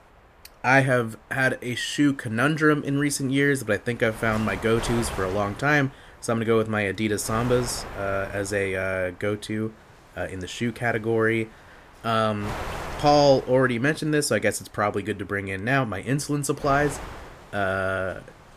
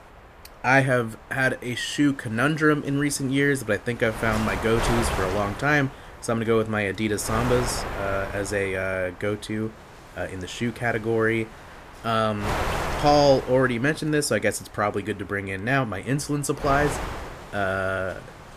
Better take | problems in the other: first | wind noise on the microphone; heavy; 8 dB below the speech; occasional gusts in the first

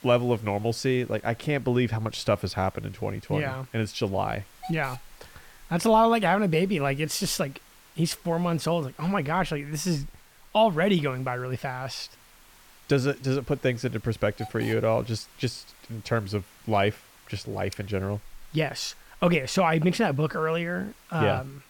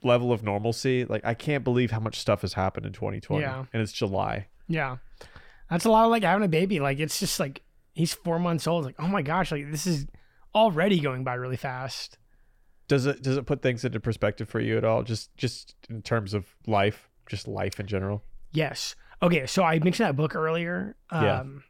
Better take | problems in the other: second | hiss; faint; throughout; 25 dB below the speech

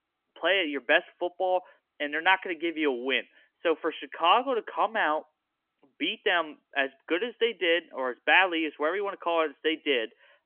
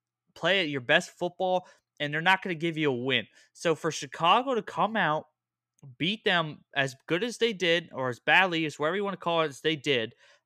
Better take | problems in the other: second | phone-call audio; nothing above 3.5 kHz

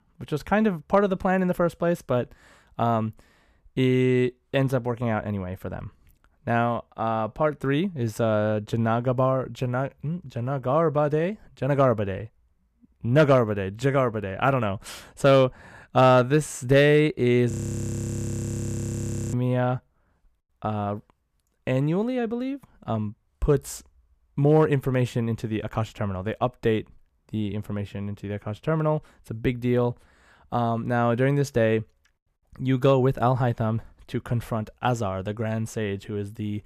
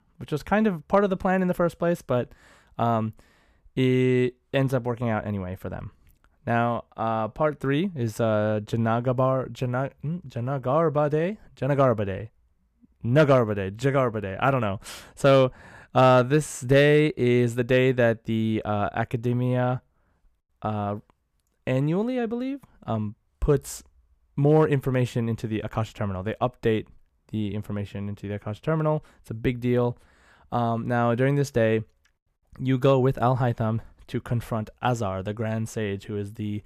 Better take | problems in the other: second | audio freezing; at 18 s for 2 s

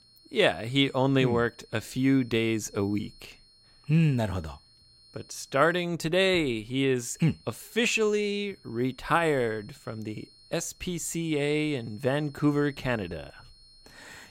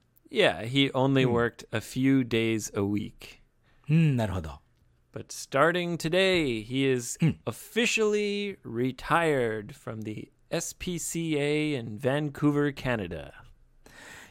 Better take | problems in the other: second | high-pitched whine; faint; until 6 s and from 7 s on; 4.5 kHz, 25 dB below the speech

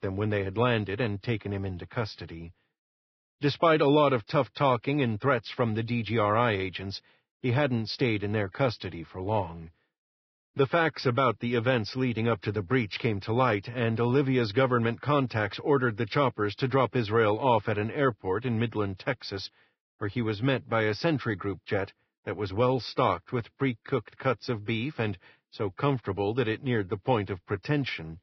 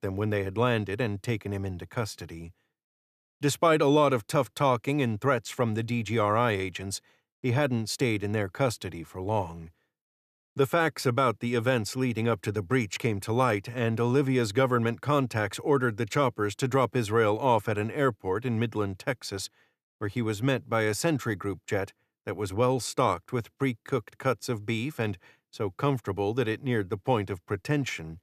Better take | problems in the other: second | garbled, watery; badly; nothing above 5.5 kHz

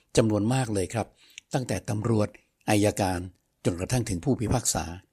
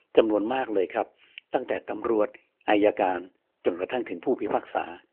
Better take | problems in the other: first | phone-call audio; nothing above 3 kHz

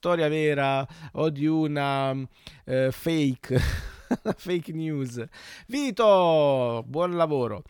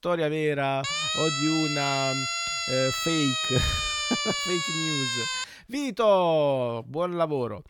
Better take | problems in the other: first | siren; loud; from 1 to 5.5 s; peak 2 dB above the speech

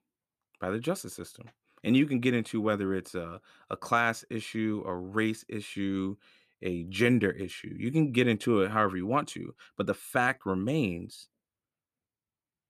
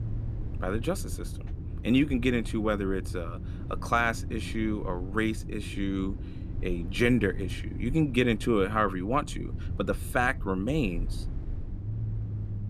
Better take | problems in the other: first | low rumble; noticeable; throughout; 20 dB below the speech

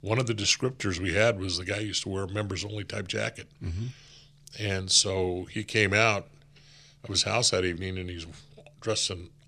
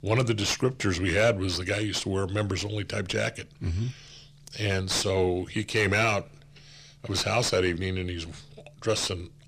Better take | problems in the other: first | distortion; heavy; 7 dB below the speech

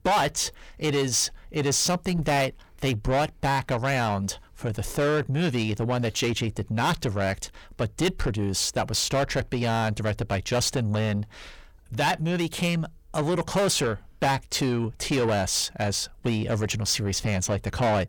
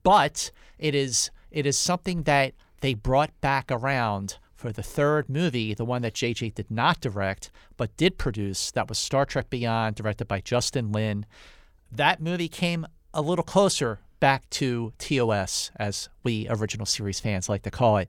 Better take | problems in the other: second | distortion; heavy; 7 dB below the speech

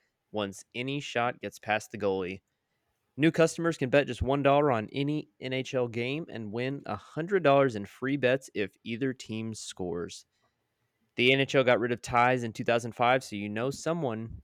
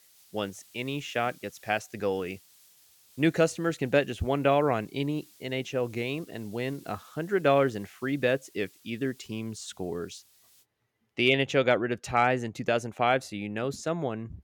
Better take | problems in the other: first | hiss; faint; until 11 s; 25 dB below the speech

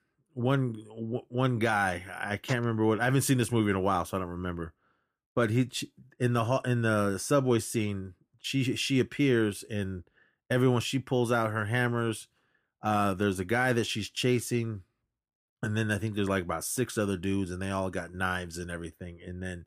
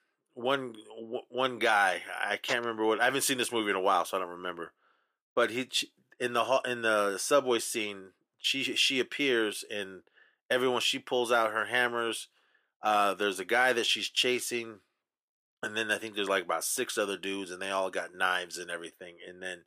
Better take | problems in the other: first | thin; somewhat; fading below 500 Hz

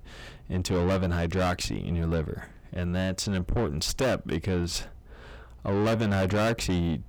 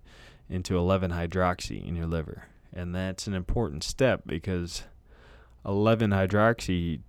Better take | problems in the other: second | distortion; heavy; 7 dB below the speech

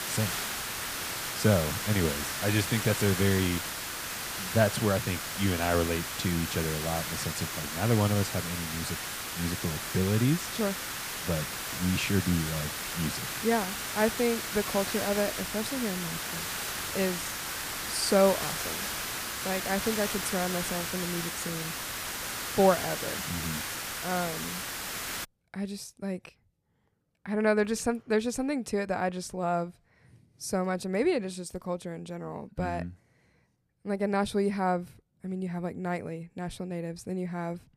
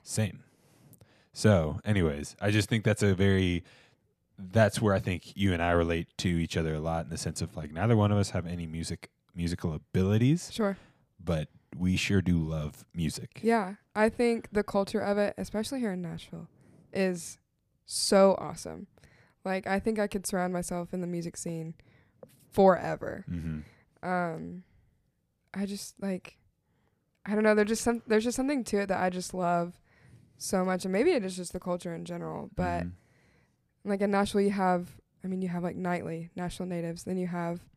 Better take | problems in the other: second | hiss; loud; until 25 s; 2 dB below the speech

